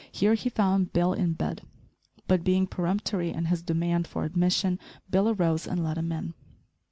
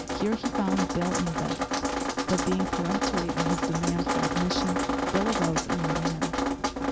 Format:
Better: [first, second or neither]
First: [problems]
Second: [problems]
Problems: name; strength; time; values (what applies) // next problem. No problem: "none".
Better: first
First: none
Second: background sound (Drip); 2 dB above the speech